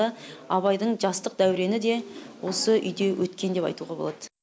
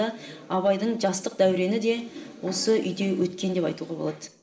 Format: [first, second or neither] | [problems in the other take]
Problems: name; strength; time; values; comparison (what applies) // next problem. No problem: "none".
first | room echo; dies away in 1.3 s